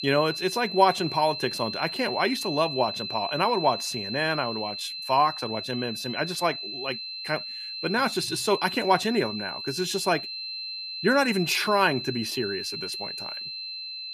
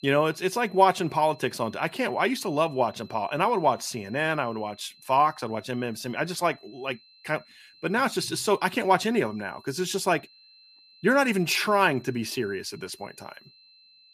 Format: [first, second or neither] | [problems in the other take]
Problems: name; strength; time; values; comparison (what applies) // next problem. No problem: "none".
second | high-pitched whine; loud; throughout; 4 kHz, 6 dB below the speech; faint in the second